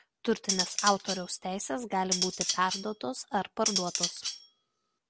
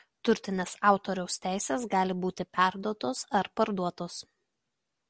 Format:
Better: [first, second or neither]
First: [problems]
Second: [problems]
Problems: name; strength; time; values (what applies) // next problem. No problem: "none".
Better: second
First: background sound (Cutlery, silverware); 1 dB below the speech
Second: none